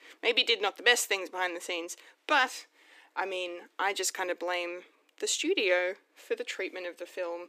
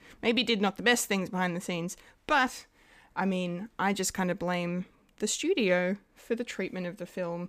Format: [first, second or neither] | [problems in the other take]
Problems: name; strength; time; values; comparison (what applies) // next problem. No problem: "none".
second | thin; very; fading below 300 Hz